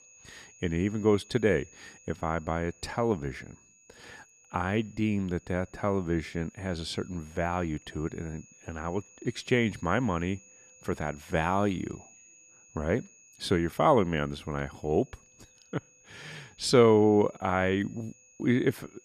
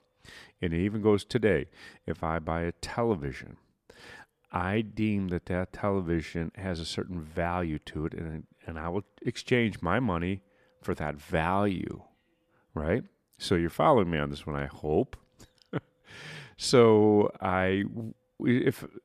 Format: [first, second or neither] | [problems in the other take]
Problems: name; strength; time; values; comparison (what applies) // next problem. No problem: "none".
second | high-pitched whine; faint; throughout; 6.5 kHz, 25 dB below the speech